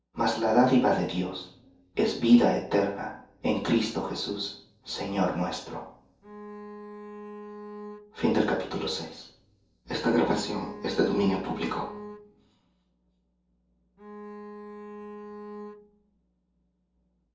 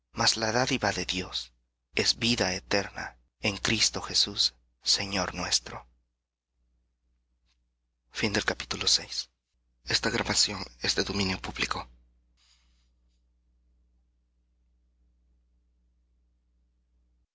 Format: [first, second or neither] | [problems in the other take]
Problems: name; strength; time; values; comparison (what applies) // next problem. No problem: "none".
second | background sound (Bowed string instrument); 13 dB below the speech // room echo; dies away in 0.6 s